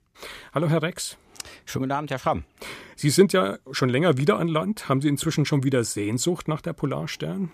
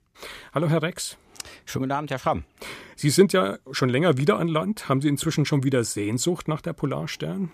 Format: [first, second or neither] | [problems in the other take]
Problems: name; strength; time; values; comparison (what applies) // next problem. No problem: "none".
neither | none